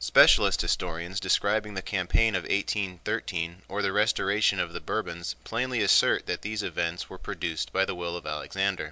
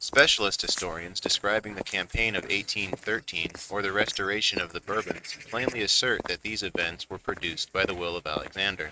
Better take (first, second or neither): first